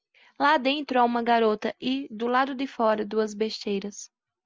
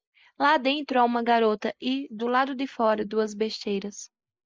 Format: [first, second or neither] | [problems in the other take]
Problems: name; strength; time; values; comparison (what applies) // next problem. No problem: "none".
first | noise reduction (neural mask model Resemble Enhance denoiser)